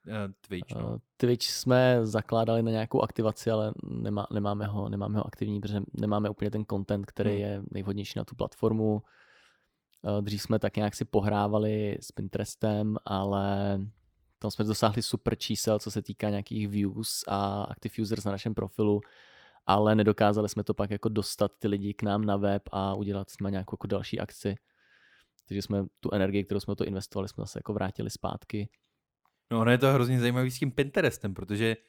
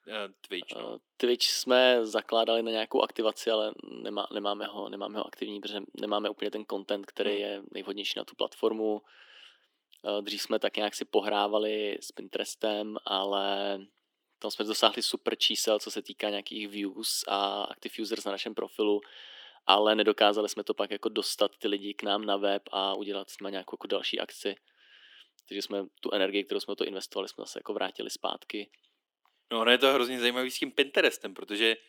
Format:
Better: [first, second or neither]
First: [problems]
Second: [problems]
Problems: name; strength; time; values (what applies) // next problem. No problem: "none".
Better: first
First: none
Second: thin; somewhat; fading below 300 Hz